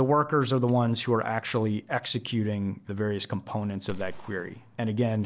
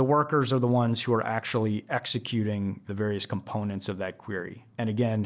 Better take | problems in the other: second | background sound (Gunshot, gunfire); 19 dB below the speech

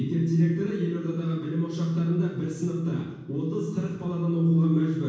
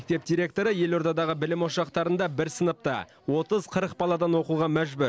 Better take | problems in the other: second | room echo; dies away in 1.2 s

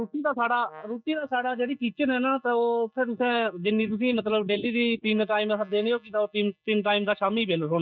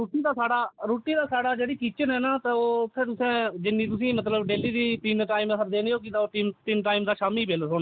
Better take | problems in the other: second | noise reduction (neural mask model DeepFilterNet 3)

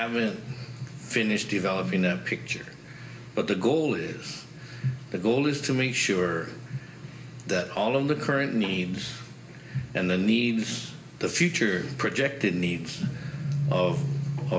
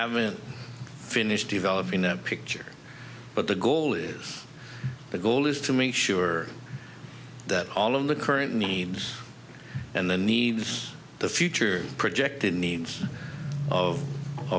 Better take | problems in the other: second | room echo; dies away in 1.1 s

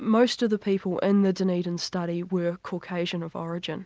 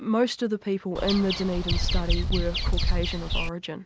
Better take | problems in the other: first | background sound (Bird vocalization, bird call, bird song); 3 dB above the speech

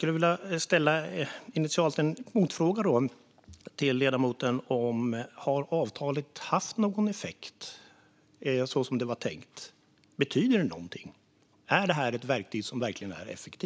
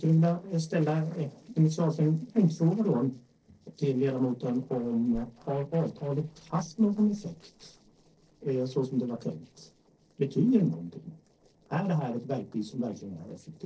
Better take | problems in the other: first | noise reduction (neural separator model SepFormer DNS4)

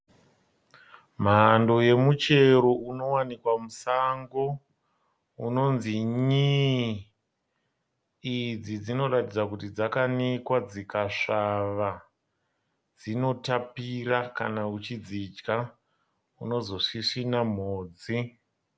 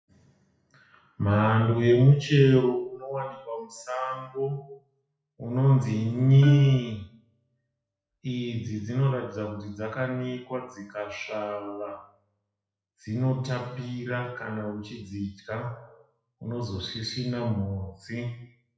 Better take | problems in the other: first | noise reduction (classical method WPE with log-MMSE)

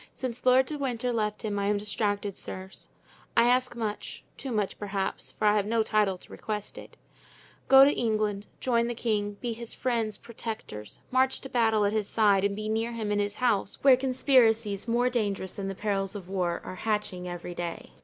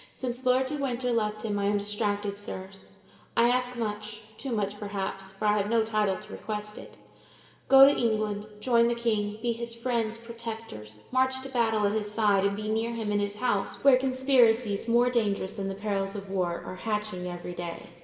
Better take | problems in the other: first | room echo; dies away in 1.7 s

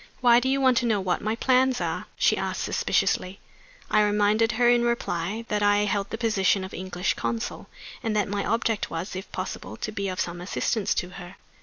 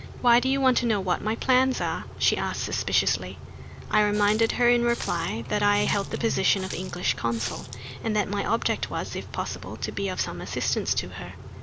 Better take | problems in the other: first | background sound (Water tap, faucet + Idling / Accelerating, revving, vroom / Car); 11 dB below the speech

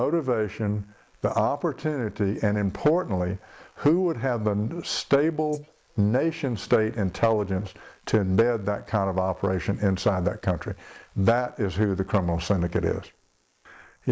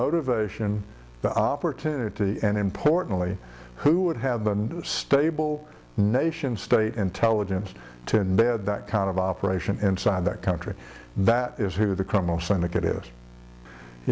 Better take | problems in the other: second | noise reduction (neural mask model Resemble Enhance denoiser)

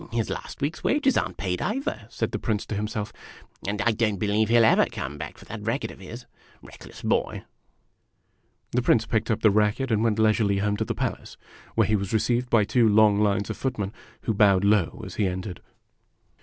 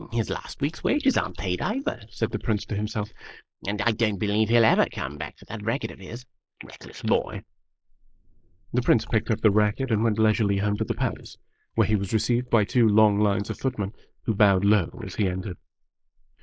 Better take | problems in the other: first | noise reduction (neural mask model Resemble Enhance denoiser)

